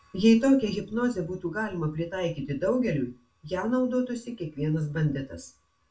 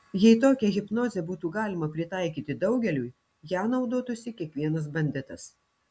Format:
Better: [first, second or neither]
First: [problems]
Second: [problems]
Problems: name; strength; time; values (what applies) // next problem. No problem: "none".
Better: second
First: room echo; dies away in 0.2 s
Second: none